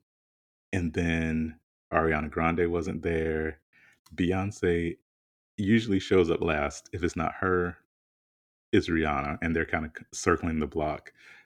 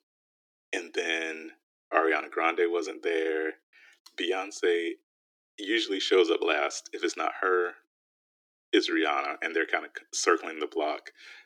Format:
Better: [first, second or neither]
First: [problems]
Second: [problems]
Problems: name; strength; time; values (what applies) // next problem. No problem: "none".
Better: first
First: none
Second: thin; very; fading below 300 Hz